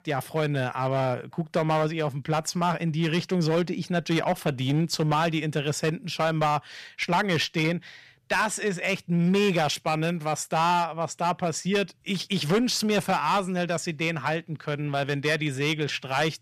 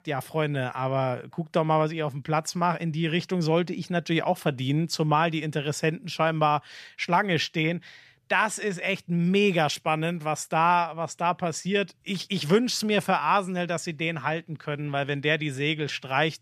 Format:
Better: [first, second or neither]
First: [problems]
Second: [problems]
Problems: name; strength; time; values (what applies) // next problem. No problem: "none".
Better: second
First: distortion; slight; 7% of the sound clipped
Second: none